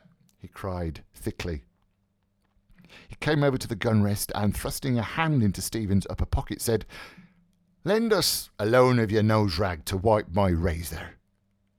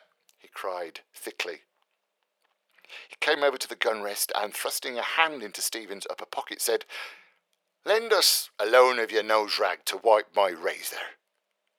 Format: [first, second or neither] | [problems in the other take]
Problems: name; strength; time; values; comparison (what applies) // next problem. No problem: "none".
first | thin; very; fading below 450 Hz